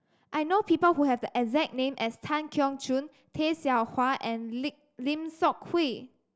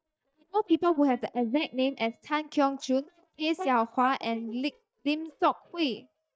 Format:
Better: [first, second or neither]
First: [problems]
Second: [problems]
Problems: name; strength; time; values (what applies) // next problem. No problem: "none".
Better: first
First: none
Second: noise reduction (neural mask model DeepFilterNet 3)